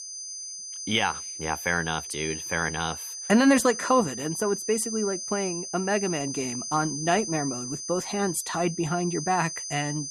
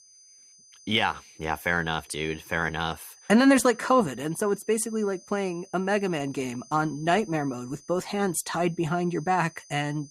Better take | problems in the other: second | high-pitched whine; loud; throughout; 6 kHz, 6 dB below the speech; faint in the second

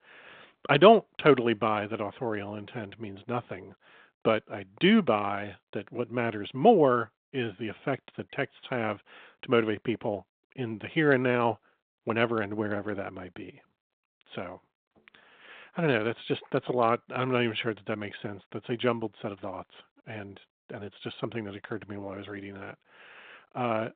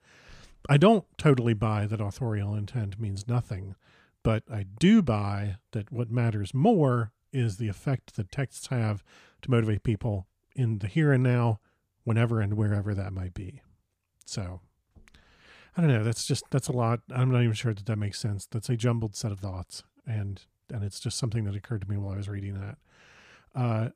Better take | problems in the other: second | phone-call audio

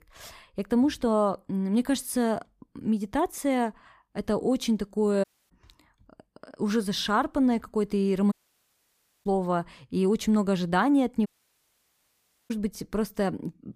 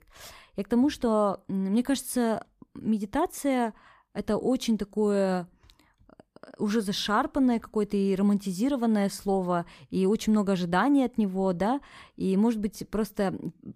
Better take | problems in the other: second | audio cutting out; at 5 s, at 8.5 s for 1 s and at 11 s for 1 s

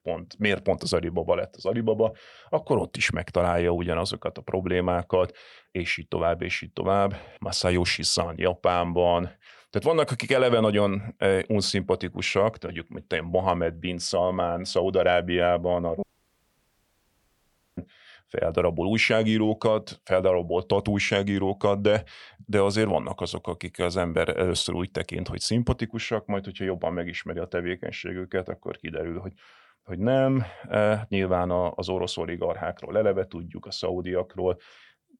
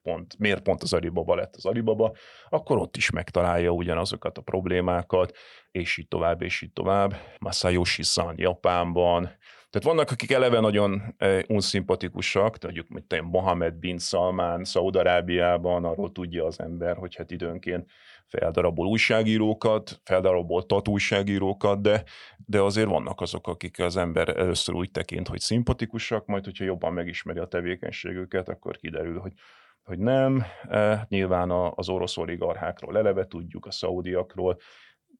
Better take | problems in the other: second | audio cutting out; at 16 s for 1.5 s

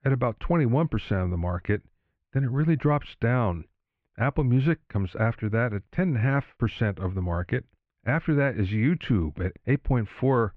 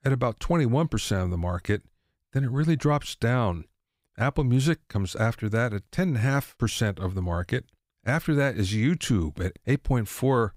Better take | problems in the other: second | muffled; very; fading above 2.5 kHz

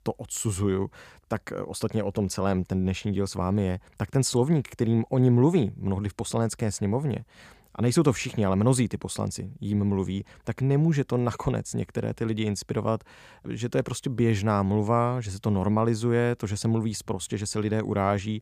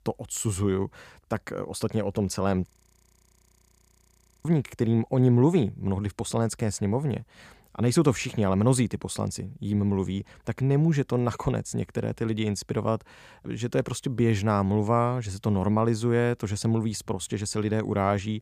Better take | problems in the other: first | audio freezing; at 2.5 s for 2 s

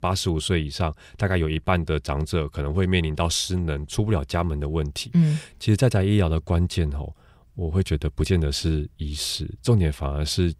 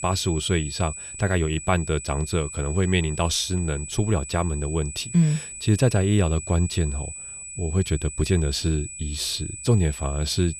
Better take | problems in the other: first | high-pitched whine; loud; throughout; 8 kHz, 10 dB below the speech

